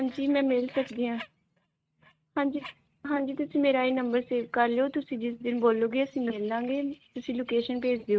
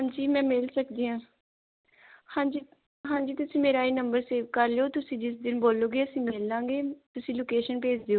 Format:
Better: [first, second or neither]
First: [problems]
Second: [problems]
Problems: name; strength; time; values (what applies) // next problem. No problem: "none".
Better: second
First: noise reduction (neural mask model RNNoise)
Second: none